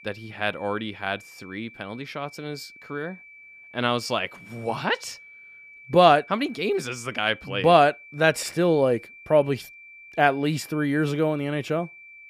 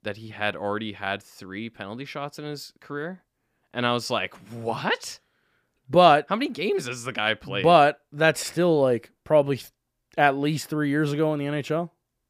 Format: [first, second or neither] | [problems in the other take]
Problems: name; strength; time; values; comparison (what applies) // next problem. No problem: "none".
second | high-pitched whine; faint; throughout; 2.5 kHz, 20 dB below the speech